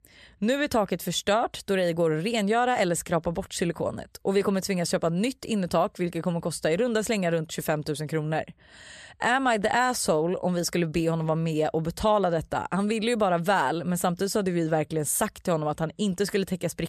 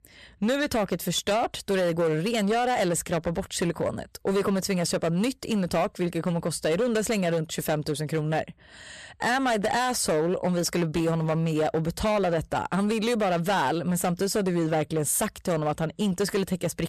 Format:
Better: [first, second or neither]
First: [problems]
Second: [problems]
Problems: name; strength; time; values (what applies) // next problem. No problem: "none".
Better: first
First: none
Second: distortion; slight; 12% of the sound clipped